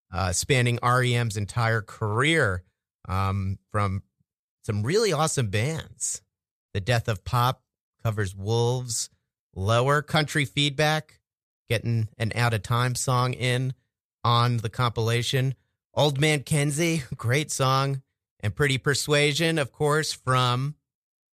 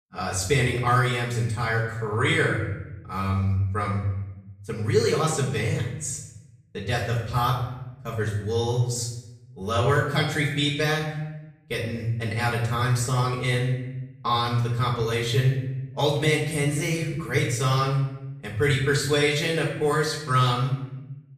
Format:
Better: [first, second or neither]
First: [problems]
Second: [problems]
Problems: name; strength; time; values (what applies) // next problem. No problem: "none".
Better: first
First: none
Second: off-mic speech; far // room echo; noticeable; dies away in 0.9 s